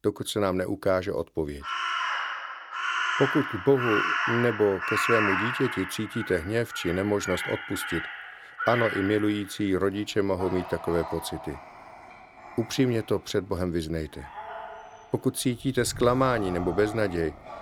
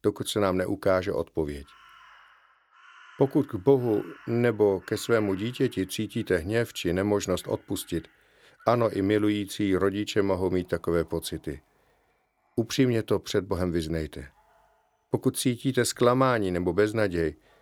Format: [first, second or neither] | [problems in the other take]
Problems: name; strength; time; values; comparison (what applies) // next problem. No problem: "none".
second | animal sounds; loud; throughout; 4 dB below the speech; faint in the second